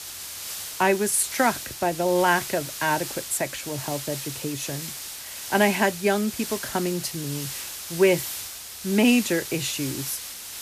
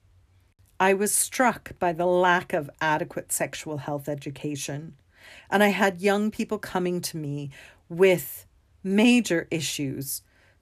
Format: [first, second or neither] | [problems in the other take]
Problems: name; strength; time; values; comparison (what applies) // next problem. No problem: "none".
second | hiss; loud; throughout; 8 dB below the speech